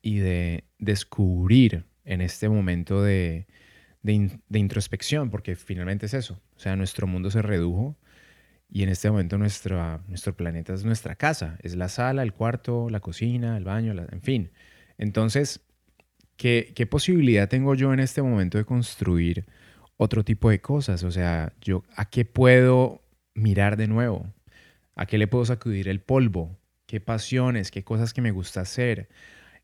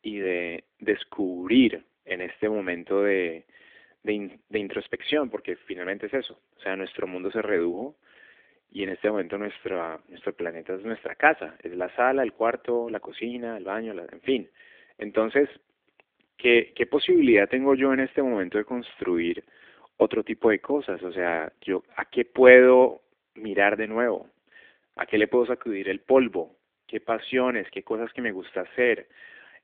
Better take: first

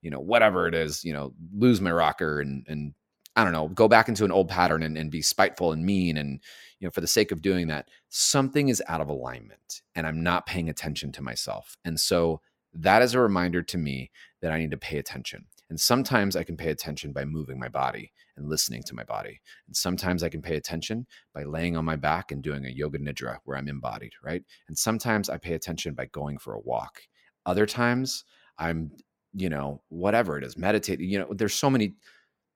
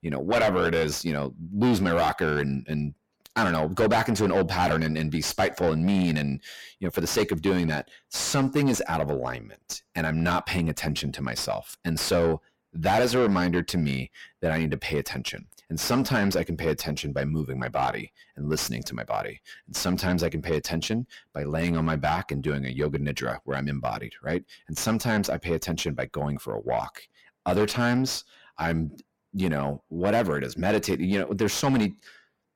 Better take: first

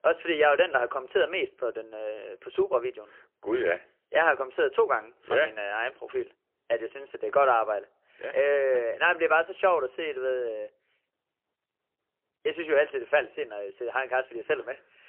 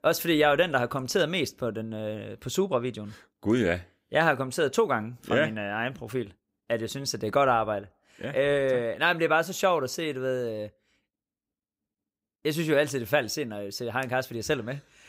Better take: second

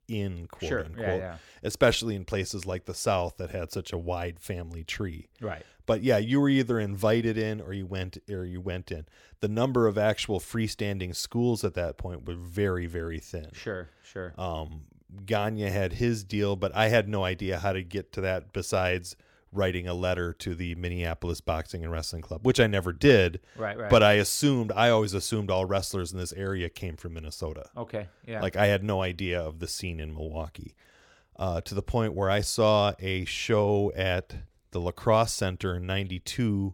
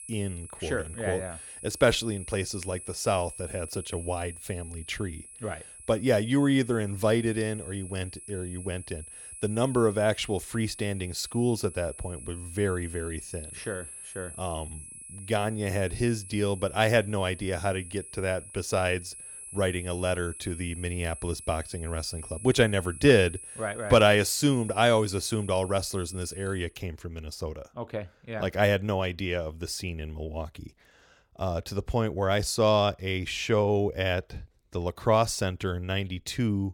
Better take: first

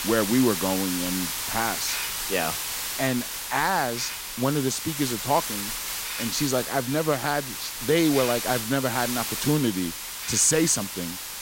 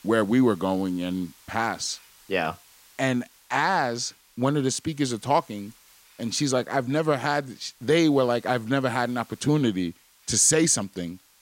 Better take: second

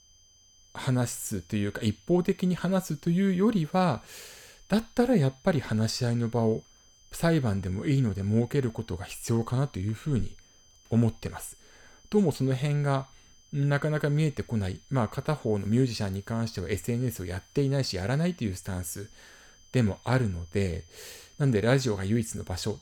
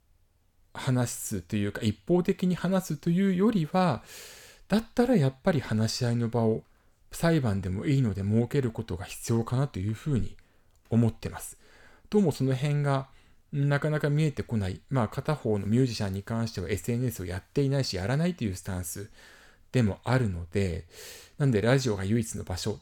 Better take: second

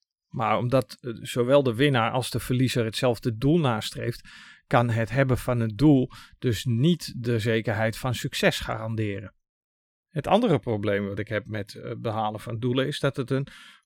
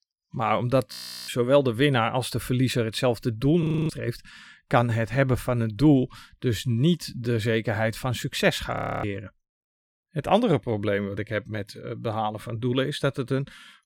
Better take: first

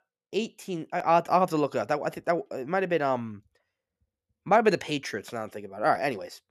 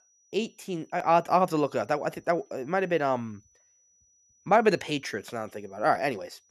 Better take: first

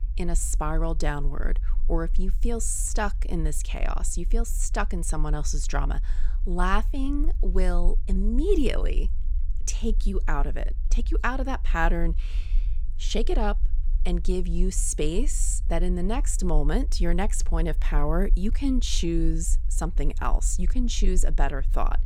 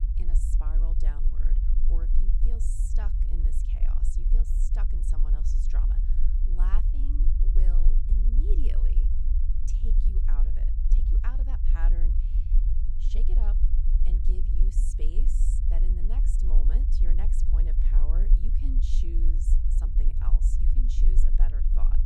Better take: first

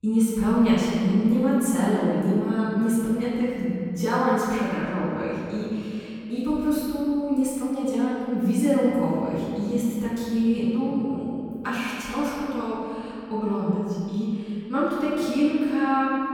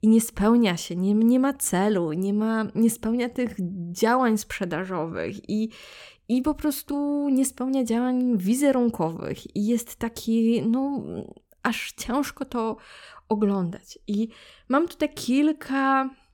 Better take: second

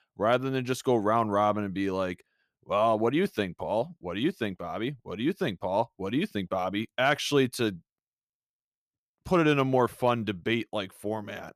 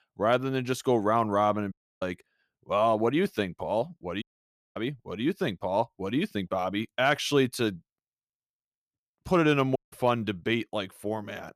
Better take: first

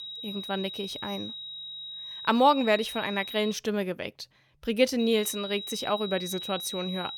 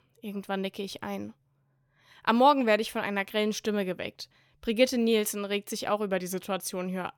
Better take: second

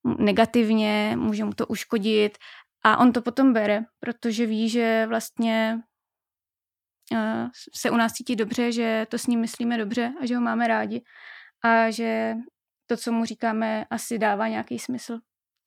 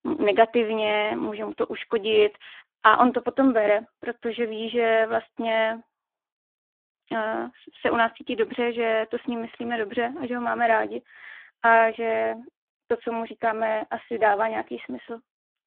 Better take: first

